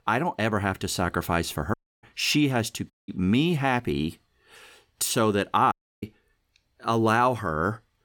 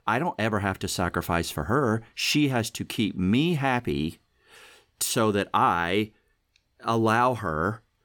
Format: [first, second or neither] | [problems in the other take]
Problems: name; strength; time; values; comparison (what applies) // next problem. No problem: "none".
second | audio cutting out; at 1.5 s, at 3 s and at 5.5 s